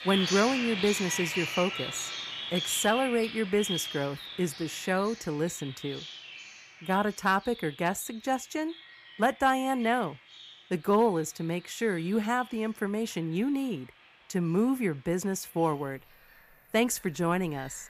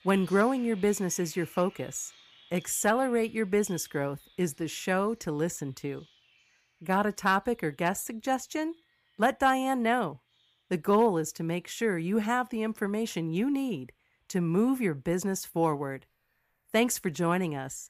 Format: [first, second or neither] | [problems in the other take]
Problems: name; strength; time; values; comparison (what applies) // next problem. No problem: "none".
second | animal sounds; loud; throughout; 6 dB below the speech; faint in the second